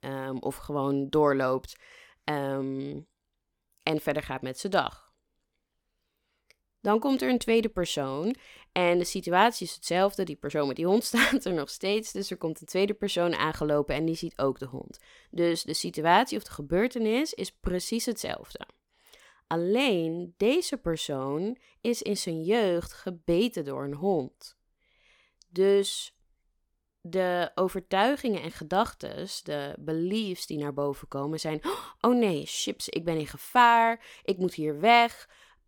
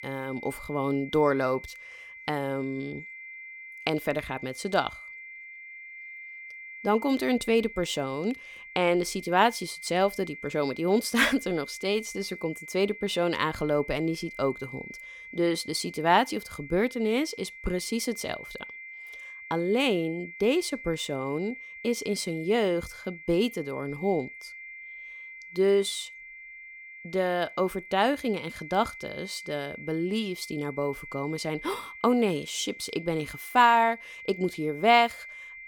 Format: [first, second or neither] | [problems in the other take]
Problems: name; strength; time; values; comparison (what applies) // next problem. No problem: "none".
first | high-pitched whine; noticeable; throughout; 2 kHz, 15 dB below the speech